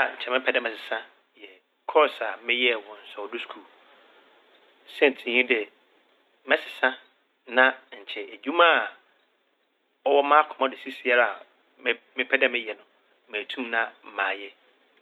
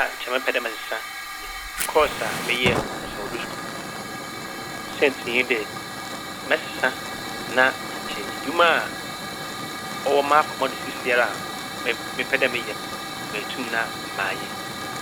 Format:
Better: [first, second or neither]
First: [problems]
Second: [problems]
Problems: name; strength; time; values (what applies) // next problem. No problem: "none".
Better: first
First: none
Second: background sound (Hiss / Fire + Fire); 5 dB below the speech